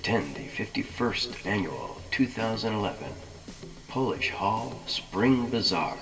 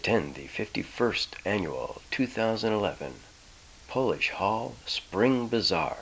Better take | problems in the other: second | background sound (Drum kit); 17 dB below the speech // room echo; dies away in 2 s

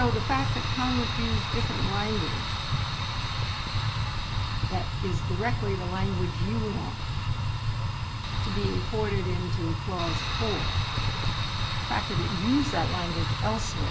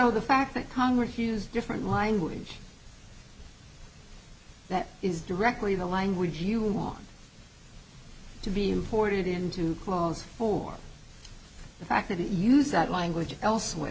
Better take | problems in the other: second | background sound (Fire); 4 dB above the speech

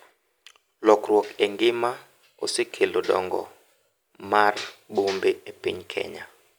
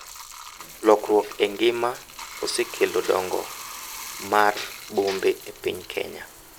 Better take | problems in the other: first | background sound (Bathtub (filling or washing)); 14 dB below the speech

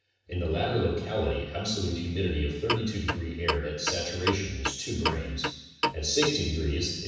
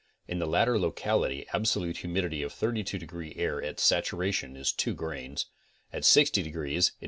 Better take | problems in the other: second | background sound (Clock); 4 dB below the speech // room echo; dies away in 1.1 s

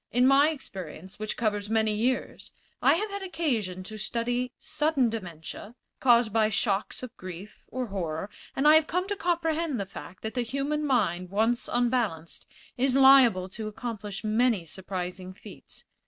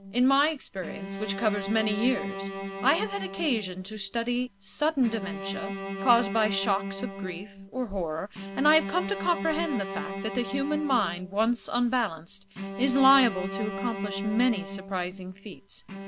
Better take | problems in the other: first | background sound (Bowed string instrument); 8 dB below the speech

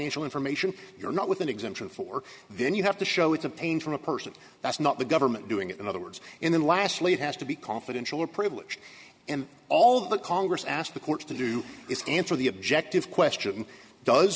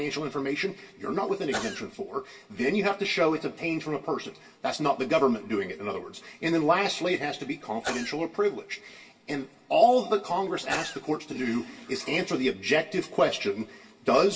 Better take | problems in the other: first | background sound (Sneeze / Cough); 13 dB below the speech // room echo; dies away in 0.2 s

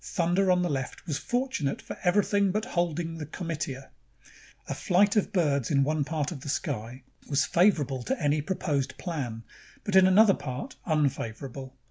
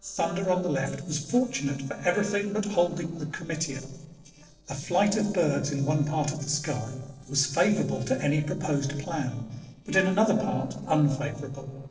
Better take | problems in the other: first | noise reduction (neural separator model SepFormer DNS4)

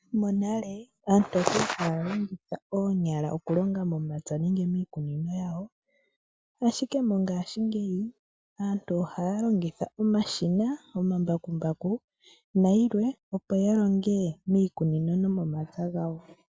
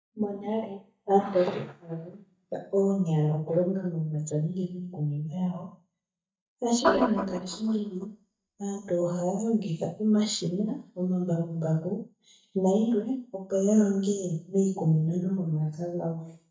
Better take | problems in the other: first | noise reduction (neural mask model DeepFilterNet 3)

